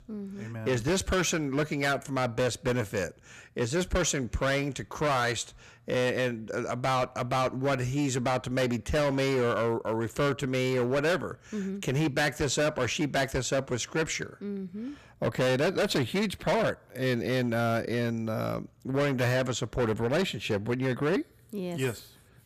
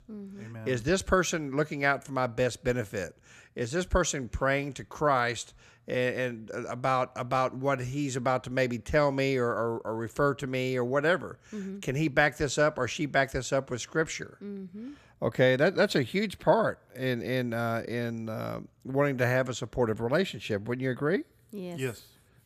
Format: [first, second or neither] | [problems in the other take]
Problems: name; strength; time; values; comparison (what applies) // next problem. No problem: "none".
second | distortion; heavy; 13% of the sound clipped